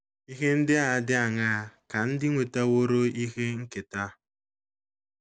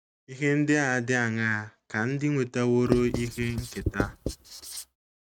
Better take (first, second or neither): first